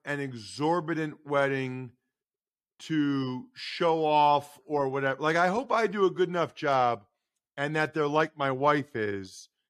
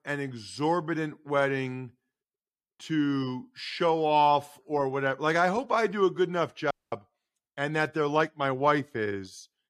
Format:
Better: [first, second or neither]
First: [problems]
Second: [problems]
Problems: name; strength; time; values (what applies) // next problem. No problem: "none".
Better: first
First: none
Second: audio cutting out; at 6.5 s